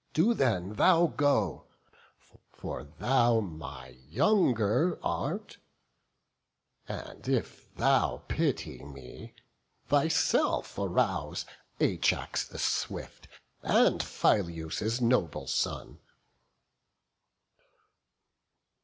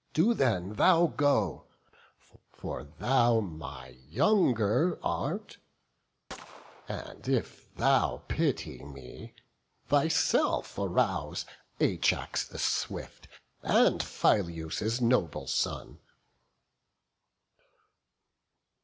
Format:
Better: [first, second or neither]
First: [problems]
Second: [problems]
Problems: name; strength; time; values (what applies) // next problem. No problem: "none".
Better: first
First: none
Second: background sound (Gunshot, gunfire); 19 dB below the speech